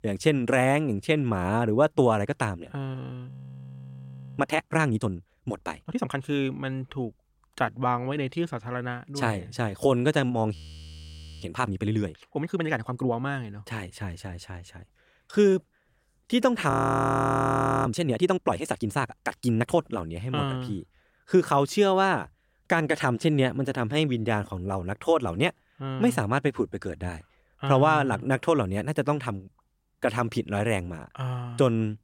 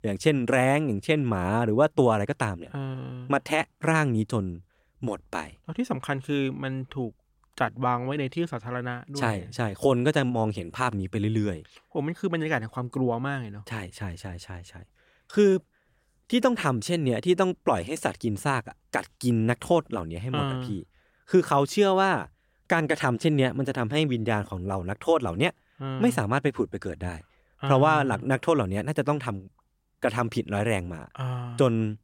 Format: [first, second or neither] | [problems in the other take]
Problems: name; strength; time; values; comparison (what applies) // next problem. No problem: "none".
second | audio freezing; at 3.5 s for 1 s, at 11 s for 1 s and at 17 s for 1 s